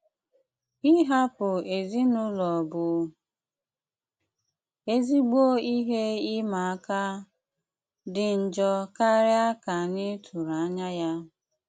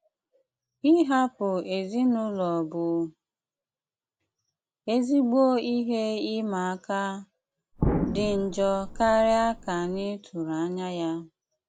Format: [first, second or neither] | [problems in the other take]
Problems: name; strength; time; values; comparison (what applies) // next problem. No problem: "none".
first | background sound (Explosion); 4 dB below the speech